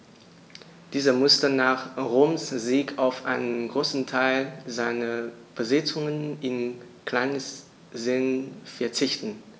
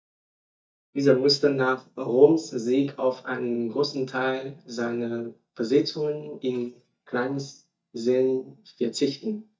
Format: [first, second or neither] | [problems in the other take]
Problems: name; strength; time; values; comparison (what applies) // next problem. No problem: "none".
first | noise reduction (neural mask model DeepFilterNet 3)